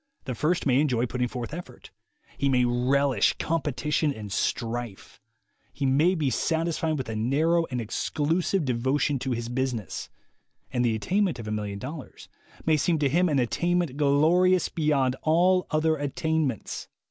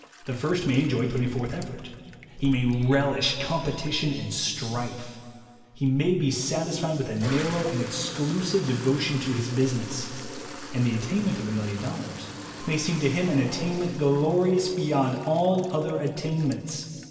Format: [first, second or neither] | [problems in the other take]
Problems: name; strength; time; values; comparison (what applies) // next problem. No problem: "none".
first | background sound (Toilet flush); 16 dB below the speech // room echo; dies away in 2.3 s